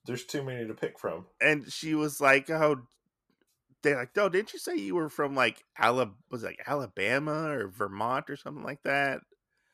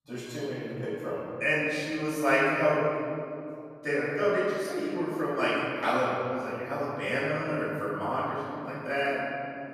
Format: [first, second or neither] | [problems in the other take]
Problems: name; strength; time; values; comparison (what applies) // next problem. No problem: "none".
first | off-mic speech; far // room echo; strong; dies away in 2.4 s